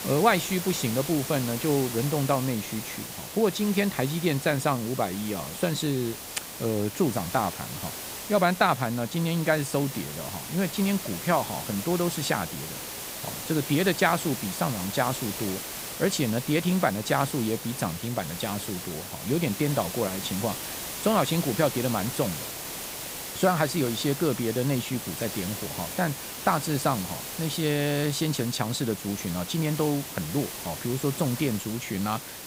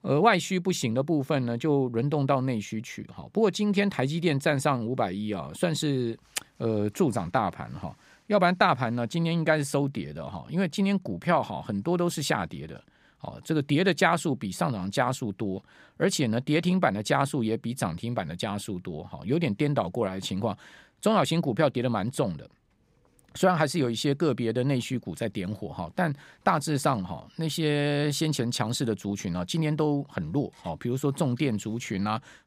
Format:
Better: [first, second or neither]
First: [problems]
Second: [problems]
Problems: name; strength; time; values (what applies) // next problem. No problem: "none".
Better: second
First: hiss; loud; throughout; 7 dB below the speech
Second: none